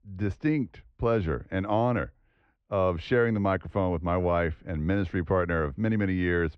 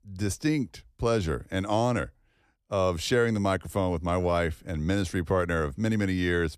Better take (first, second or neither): second